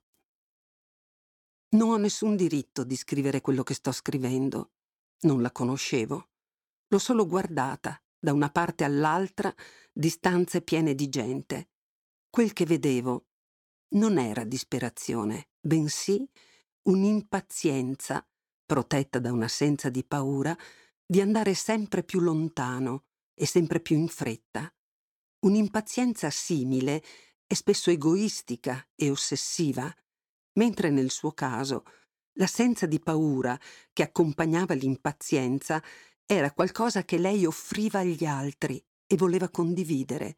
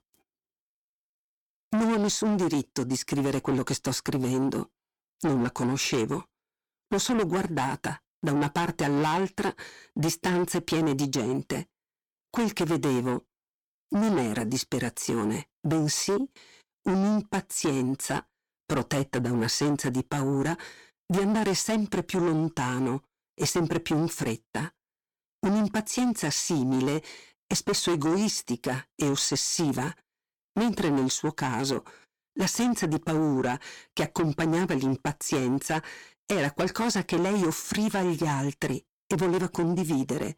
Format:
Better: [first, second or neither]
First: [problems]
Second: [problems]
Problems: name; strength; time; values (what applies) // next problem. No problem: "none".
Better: first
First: none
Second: distortion; heavy; 7 dB below the speech